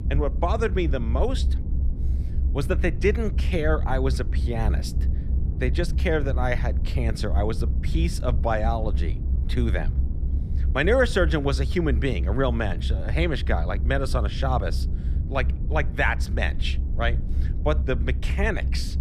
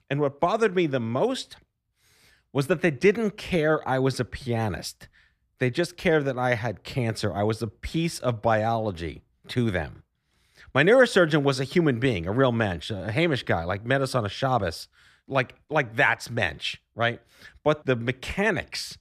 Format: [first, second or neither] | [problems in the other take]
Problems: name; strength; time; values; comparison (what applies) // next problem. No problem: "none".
second | low rumble; noticeable; throughout; 15 dB below the speech